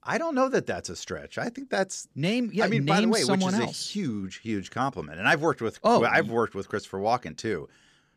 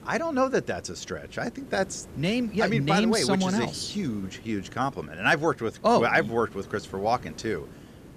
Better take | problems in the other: first | hiss; noticeable; throughout; 20 dB below the speech

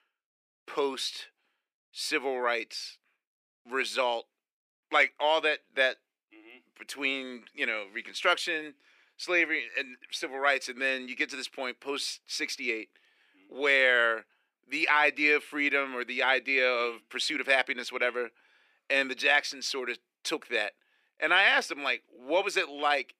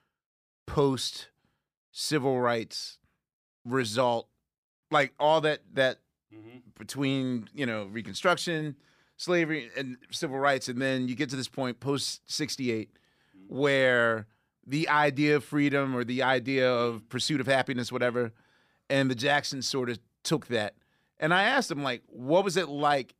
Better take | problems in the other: second | thin; somewhat; fading below 300 Hz

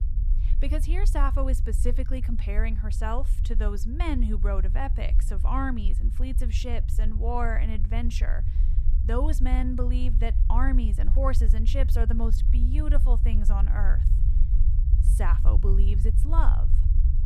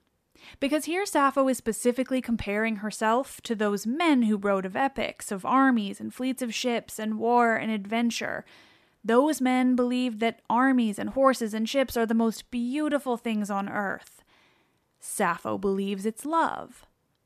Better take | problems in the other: second | low rumble; noticeable; throughout; 10 dB below the speech

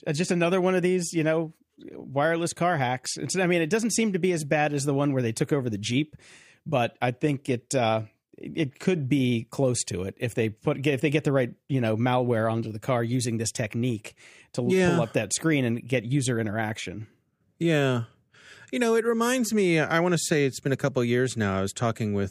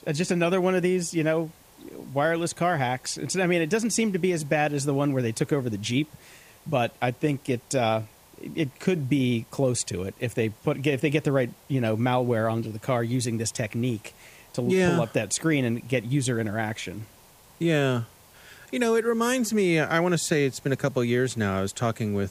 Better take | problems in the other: first | hiss; faint; throughout; 25 dB below the speech

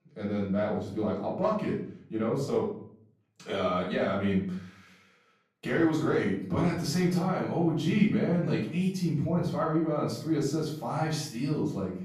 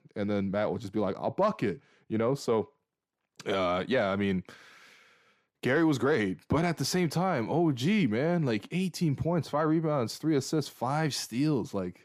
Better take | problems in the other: second | off-mic speech; far // room echo; noticeable; dies away in 0.5 s

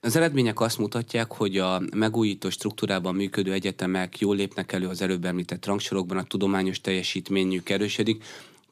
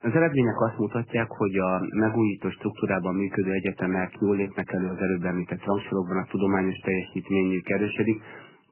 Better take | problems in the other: first | garbled, watery; badly; nothing above 3 kHz

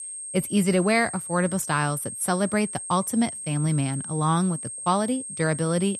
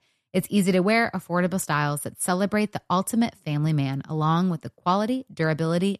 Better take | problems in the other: second | high-pitched whine; loud; throughout; 8.5 kHz, 8 dB below the speech

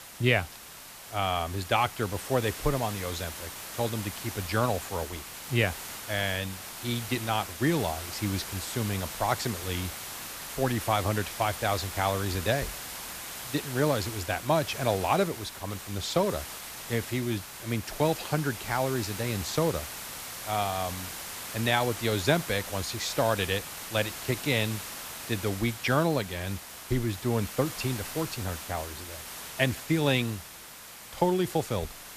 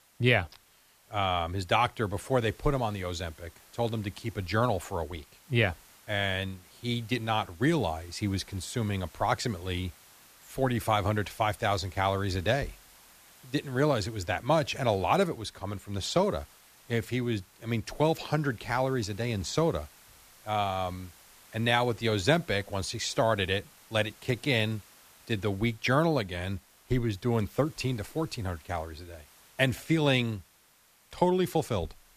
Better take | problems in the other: second | hiss; loud; throughout; 8 dB below the speech; faint in the second

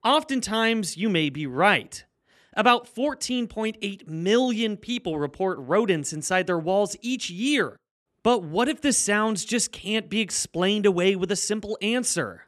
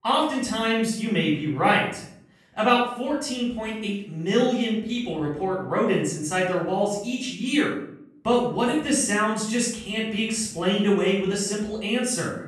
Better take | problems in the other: first | off-mic speech; far // room echo; noticeable; dies away in 0.6 s

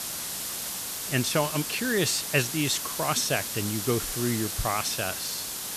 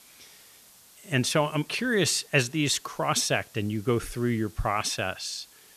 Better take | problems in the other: second | hiss; loud; throughout; 3 dB below the speech; faint in the second

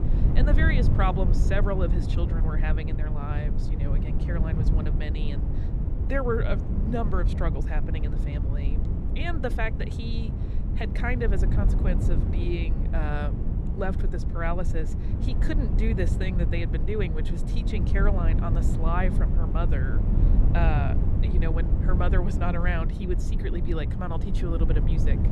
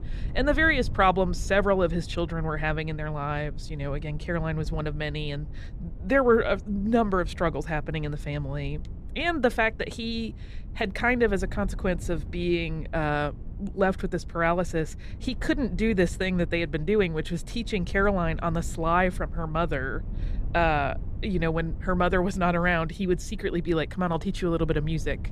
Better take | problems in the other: second | low rumble; loud; throughout; 6 dB below the speech; faint in the second

